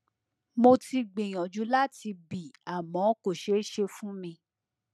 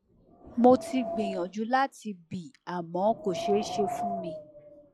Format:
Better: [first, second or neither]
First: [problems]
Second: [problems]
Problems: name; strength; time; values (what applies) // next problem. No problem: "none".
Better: first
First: none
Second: noise reduction (classical method log-MMSE)